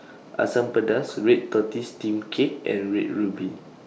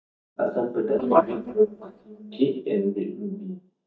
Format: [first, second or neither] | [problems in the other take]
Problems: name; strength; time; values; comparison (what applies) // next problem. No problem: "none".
first | noise reduction (neural mask model DeepFilterNet 3)